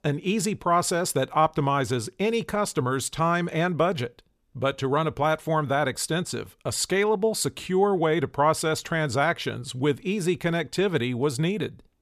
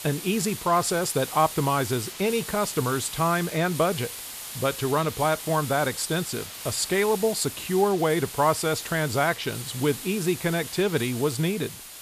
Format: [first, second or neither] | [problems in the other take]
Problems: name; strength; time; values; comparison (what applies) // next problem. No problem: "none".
first | hiss; loud; throughout; 10 dB below the speech